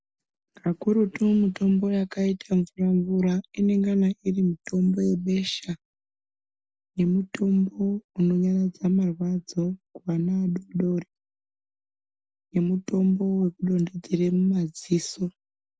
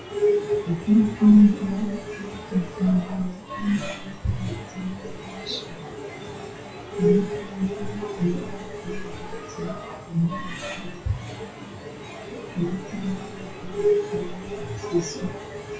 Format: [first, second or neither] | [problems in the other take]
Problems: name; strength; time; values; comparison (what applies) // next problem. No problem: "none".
first | noise reduction (classical method WPE with log-MMSE)